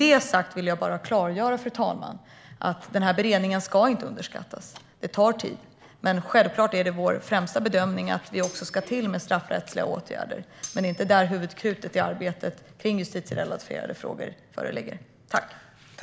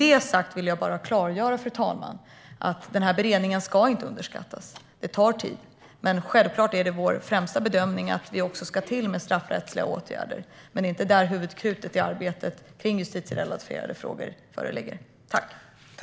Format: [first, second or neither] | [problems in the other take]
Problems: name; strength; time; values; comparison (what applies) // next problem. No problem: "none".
second | background sound (Cutlery, silverware); 18 dB below the speech